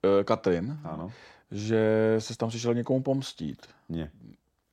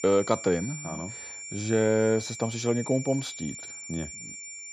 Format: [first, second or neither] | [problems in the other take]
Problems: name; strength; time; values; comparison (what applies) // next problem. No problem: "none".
first | high-pitched whine; loud; throughout; 7 kHz, 10 dB below the speech